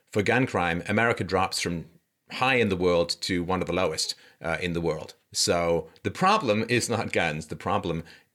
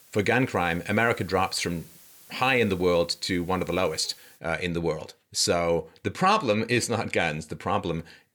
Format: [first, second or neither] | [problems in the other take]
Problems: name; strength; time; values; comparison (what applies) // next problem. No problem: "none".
first | hiss; faint; until 4.5 s; 25 dB below the speech